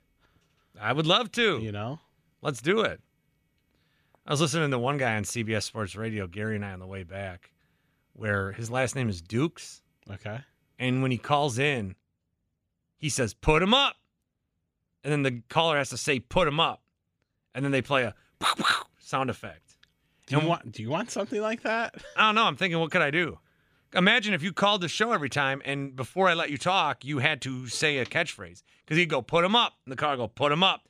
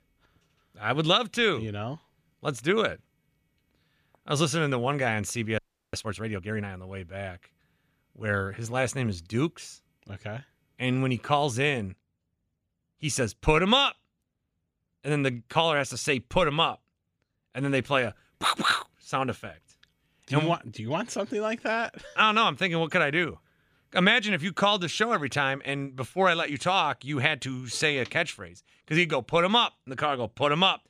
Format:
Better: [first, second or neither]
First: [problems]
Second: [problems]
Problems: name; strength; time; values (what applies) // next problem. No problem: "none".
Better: first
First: none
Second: audio freezing; at 5.5 s